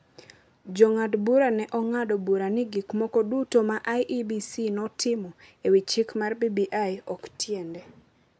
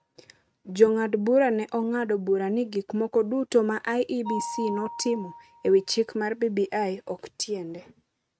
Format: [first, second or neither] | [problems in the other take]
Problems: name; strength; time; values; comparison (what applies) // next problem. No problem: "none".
first | noise reduction (neural mask model RNNoise)